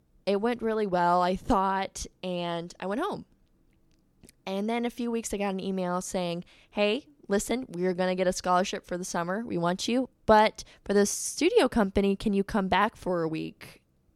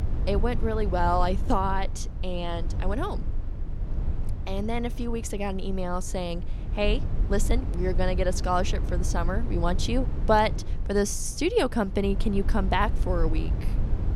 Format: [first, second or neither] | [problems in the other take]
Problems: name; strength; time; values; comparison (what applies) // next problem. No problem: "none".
first | low rumble; noticeable; throughout; 15 dB below the speech